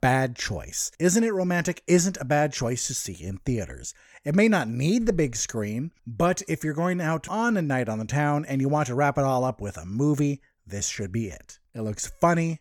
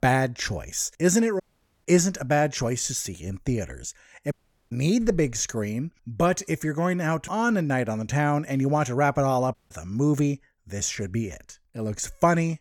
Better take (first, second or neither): first